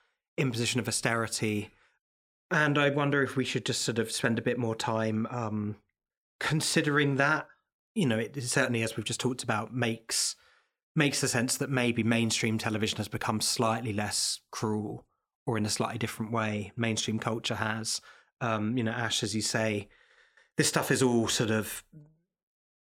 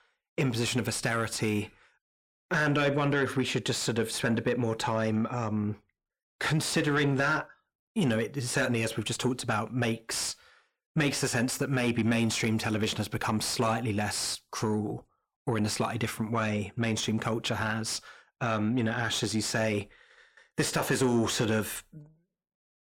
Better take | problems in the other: first | distortion; slight; 10 dB below the speech

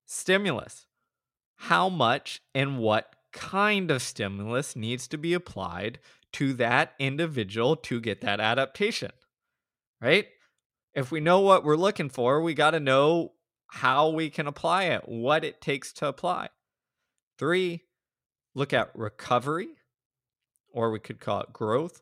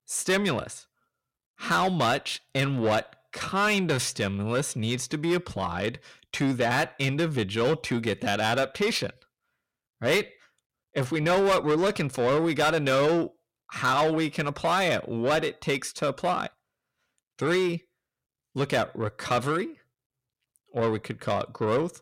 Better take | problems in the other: first | distortion; heavy; 8 dB below the speech

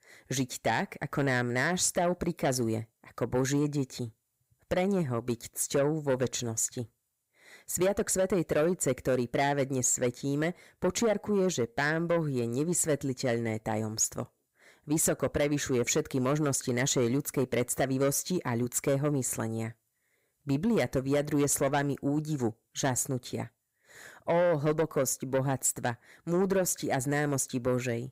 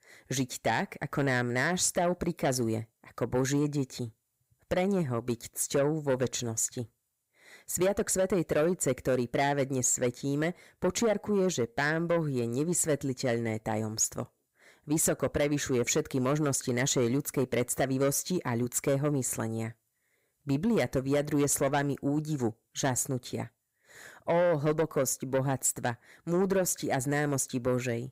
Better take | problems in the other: neither | distortion; slight; 10 dB below the speech; the same in both

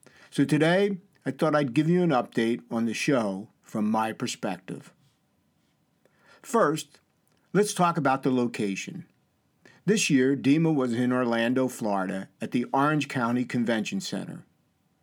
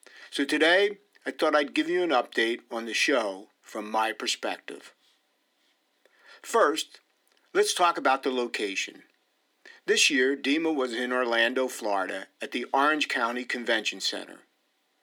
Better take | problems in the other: first | thin; somewhat; fading below 300 Hz

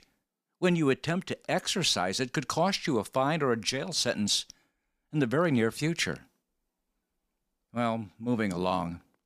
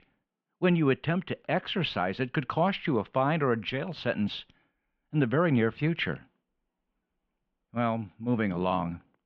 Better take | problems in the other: first | muffled; very; fading above 3 kHz

